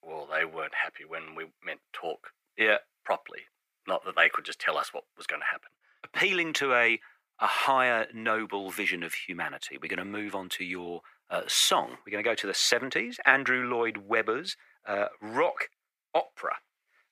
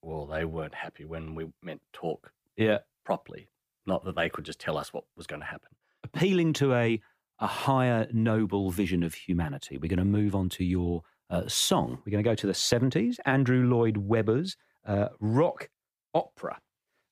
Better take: second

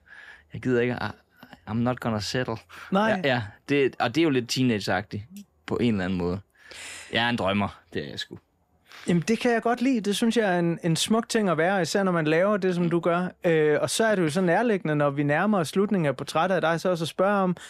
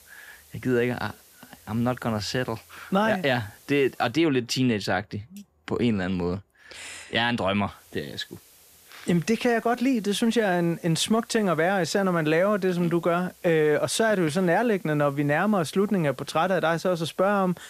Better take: first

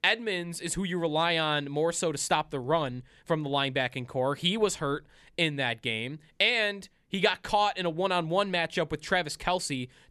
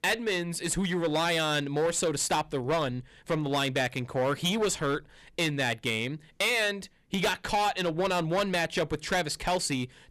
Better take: first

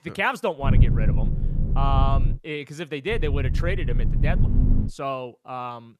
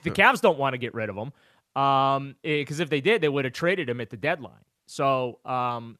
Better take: second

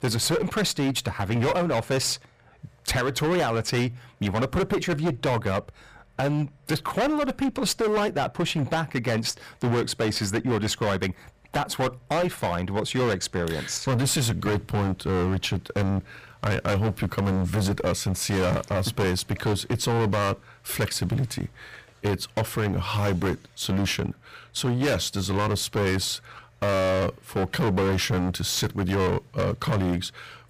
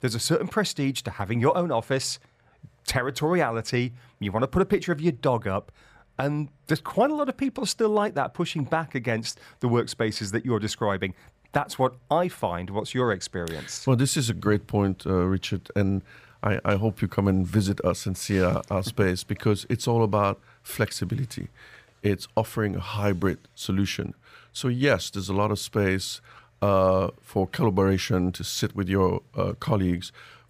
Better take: second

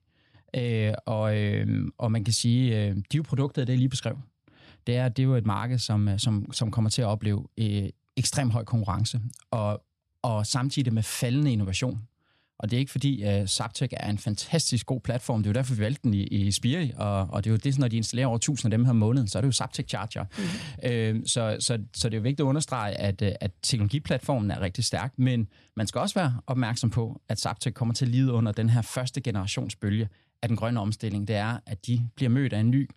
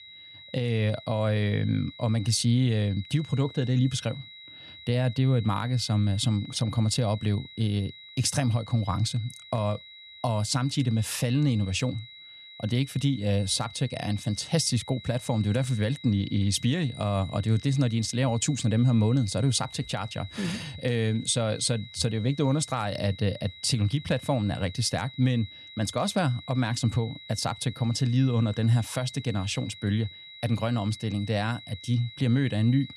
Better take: first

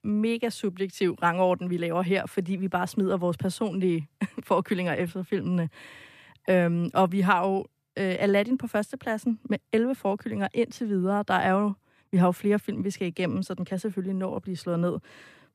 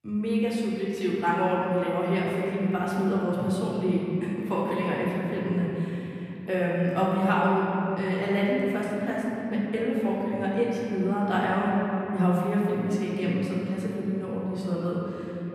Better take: first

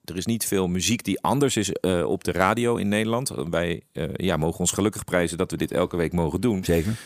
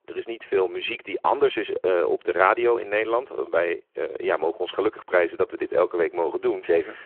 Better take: first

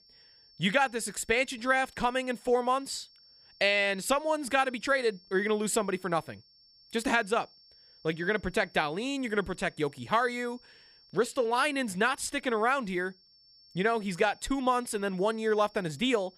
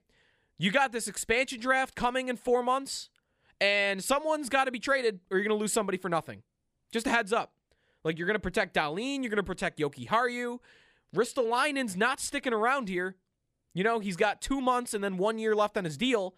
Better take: second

